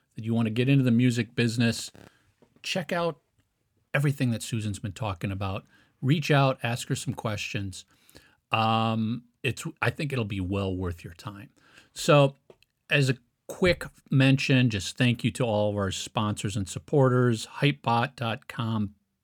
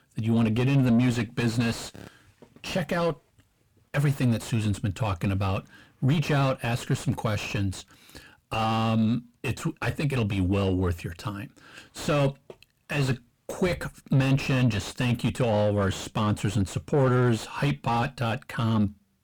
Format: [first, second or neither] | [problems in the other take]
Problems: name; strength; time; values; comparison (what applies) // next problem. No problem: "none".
first | distortion; heavy; 6 dB below the speech